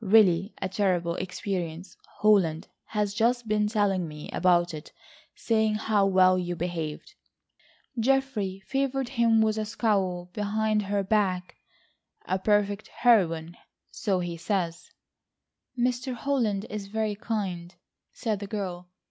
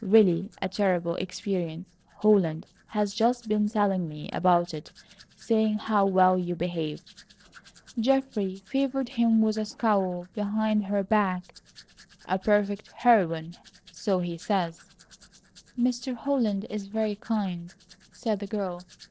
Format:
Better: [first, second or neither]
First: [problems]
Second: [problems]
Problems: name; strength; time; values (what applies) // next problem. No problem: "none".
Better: first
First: none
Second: noise reduction (neural separator model SepFormer DNS4)